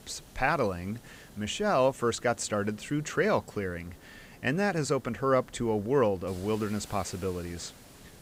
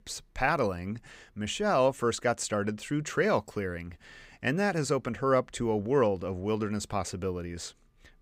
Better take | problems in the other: second | hiss; faint; throughout; 20 dB below the speech

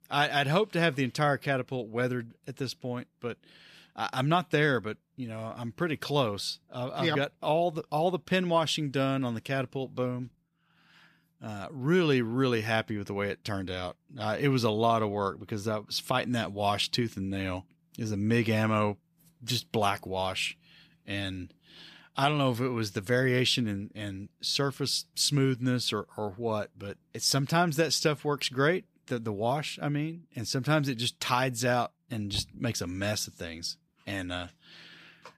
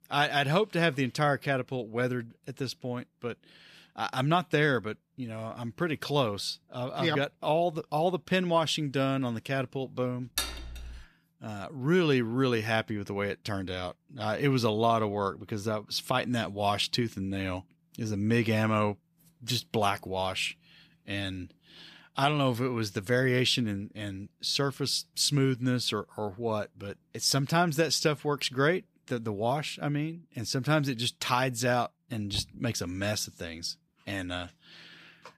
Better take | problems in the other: first | clattering dishes; noticeable; at 10 s; peak 3 dB below the speech

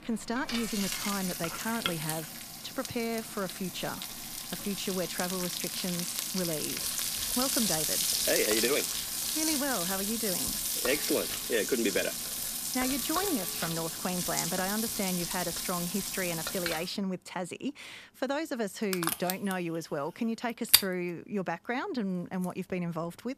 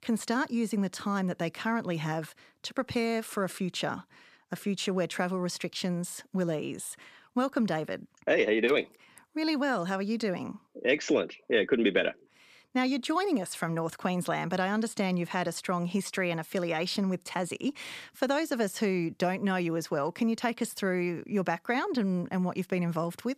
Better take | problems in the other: second | household noises; very loud; throughout; 3 dB above the speech

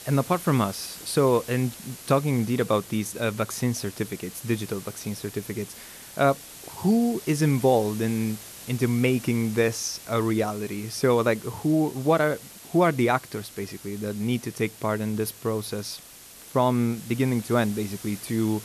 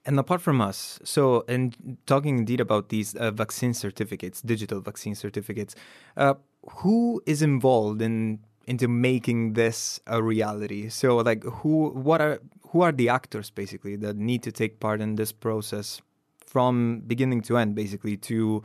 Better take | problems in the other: second | hiss; noticeable; throughout; 15 dB below the speech

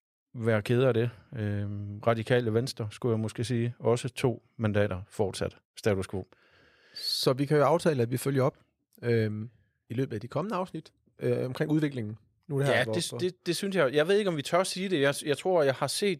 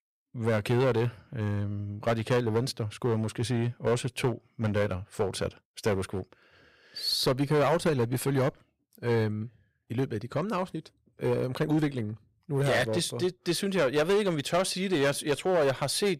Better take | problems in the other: first | distortion; slight; 7% of the sound clipped

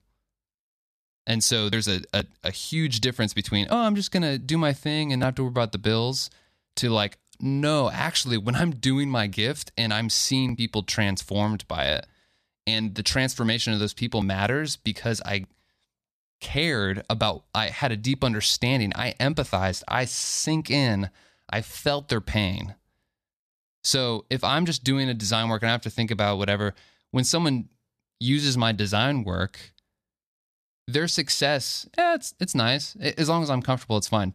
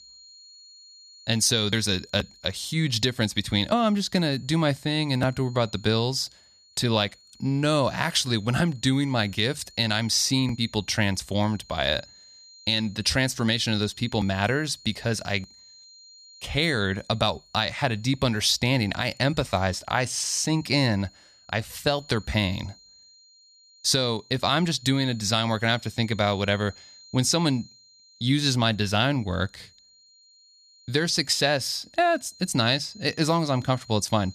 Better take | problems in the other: first | high-pitched whine; faint; throughout; 4 kHz, 25 dB below the speech

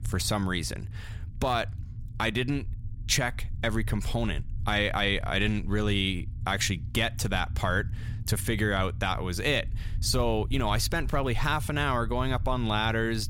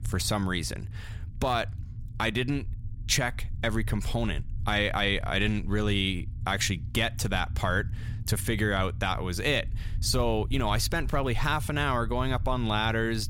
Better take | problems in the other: neither | low rumble; faint; throughout; 25 dB below the speech; the same in both

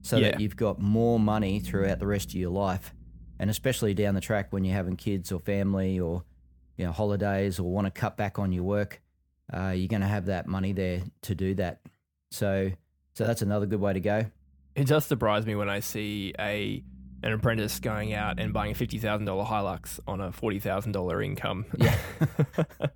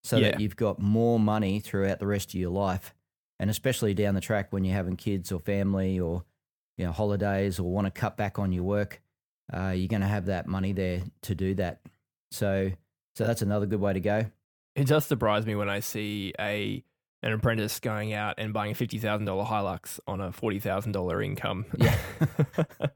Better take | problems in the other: second | low rumble; faint; throughout; 20 dB below the speech

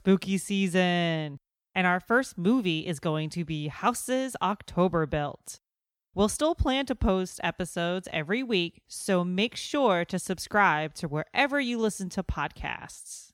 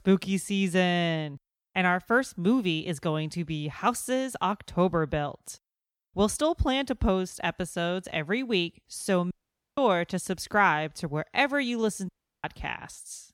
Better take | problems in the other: first | audio cutting out; at 9.5 s and at 12 s

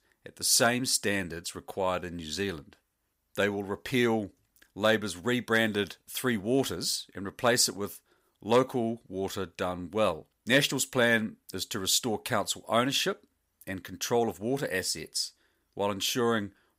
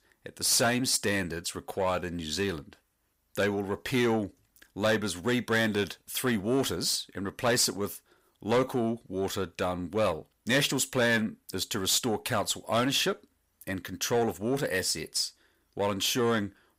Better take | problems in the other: first | distortion; slight; 10 dB below the speech

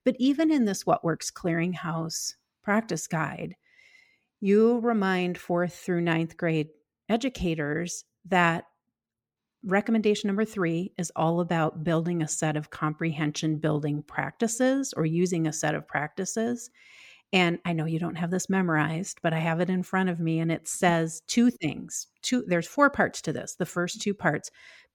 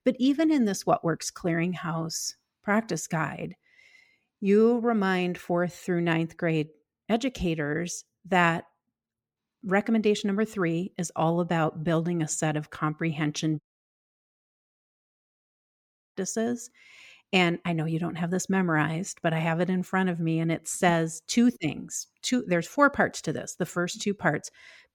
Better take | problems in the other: first | audio cutting out; at 14 s for 2.5 s

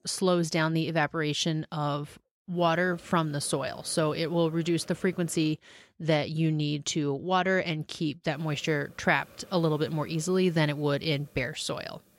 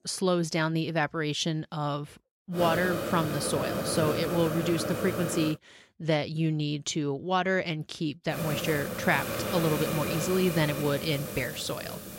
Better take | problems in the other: first | hiss; loud; from 2.5 to 5.5 s and from 8.5 s on; 4 dB below the speech; faint in the first

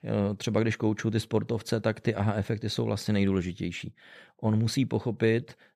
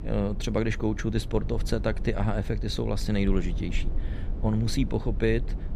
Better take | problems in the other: first | low rumble; noticeable; throughout; 15 dB below the speech

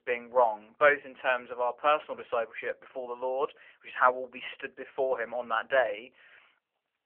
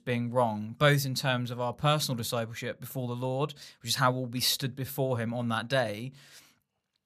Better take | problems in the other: second | phone-call audio; nothing above 3 kHz

